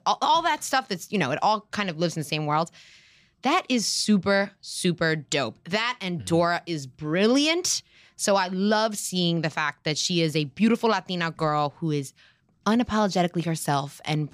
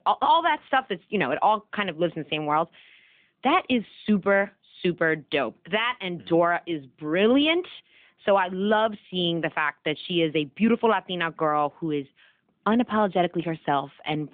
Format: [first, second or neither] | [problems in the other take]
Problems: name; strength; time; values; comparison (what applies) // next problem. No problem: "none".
first | phone-call audio; nothing above 3.5 kHz